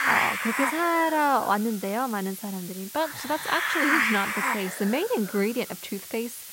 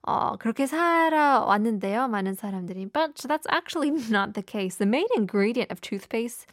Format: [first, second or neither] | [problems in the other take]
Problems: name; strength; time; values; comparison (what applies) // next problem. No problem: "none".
second | hiss; loud; throughout; 2 dB below the speech